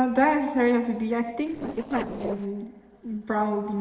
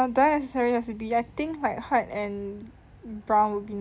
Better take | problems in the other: second | noise reduction (neural separator model SepFormer DNS4)

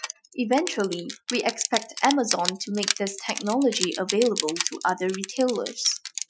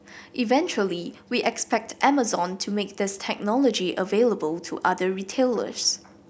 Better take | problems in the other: second | noise reduction (classical method Wiener filter)

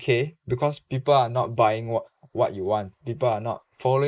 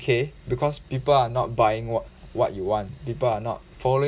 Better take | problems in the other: second | noise reduction (neural mask model Resemble Enhance denoiser)

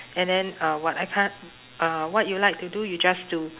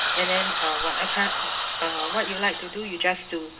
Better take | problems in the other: first | background sound (Hiss); as loud as the speech // room echo; dies away in 0.2 s

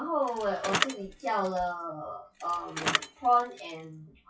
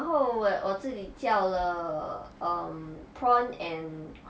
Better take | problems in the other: second | noise reduction (classical method WPE with log-MMSE)

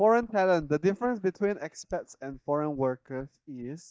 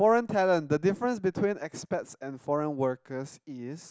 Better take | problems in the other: second | noise reduction (neural mask model DeepFilterNet 3)

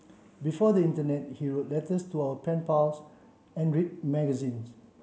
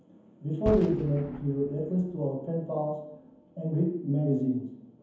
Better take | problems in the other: first | background sound (Boom); 13 dB below the speech // room echo; dies away in 0.7 s

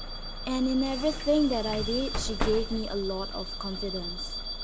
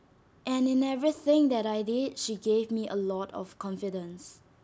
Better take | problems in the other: second | background sound (Bus / Alarm); 4 dB below the speech

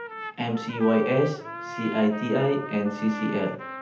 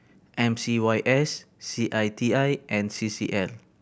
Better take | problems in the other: second | background sound (Trumpet); 11 dB below the speech // room echo; dies away in 0.7 s

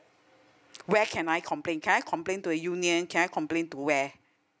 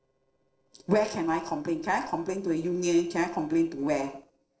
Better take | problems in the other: first | noise reduction (neural separator model SepFormer DNS4)

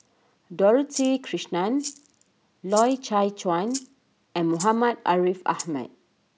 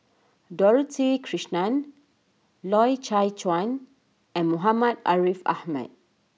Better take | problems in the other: second | background sound (Rattle (instrument)); 17 dB below the speech

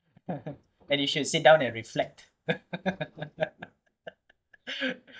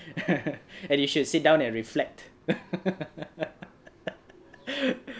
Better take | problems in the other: second | noise reduction (neural mask model DeepFilterNet 3)

